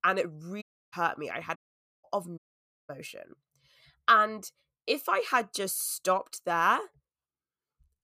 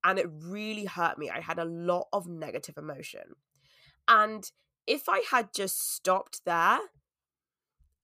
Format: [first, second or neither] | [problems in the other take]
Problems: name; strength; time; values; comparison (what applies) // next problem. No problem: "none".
second | audio cutting out; at 0.5 s, at 1.5 s and at 2.5 s for 0.5 s